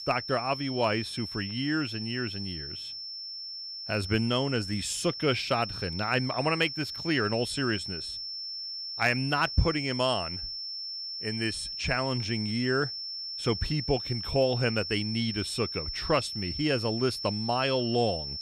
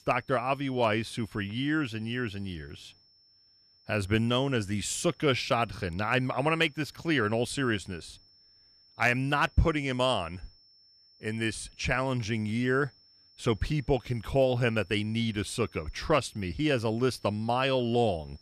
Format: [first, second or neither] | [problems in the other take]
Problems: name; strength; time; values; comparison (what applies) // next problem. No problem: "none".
second | high-pitched whine; loud; throughout; 5.5 kHz, 5 dB below the speech; faint in the second